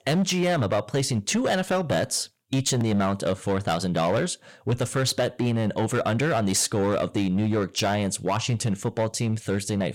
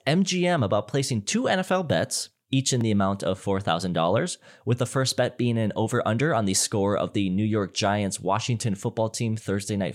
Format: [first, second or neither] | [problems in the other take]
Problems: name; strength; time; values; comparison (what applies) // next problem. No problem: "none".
second | distortion; slight; 11% of the sound clipped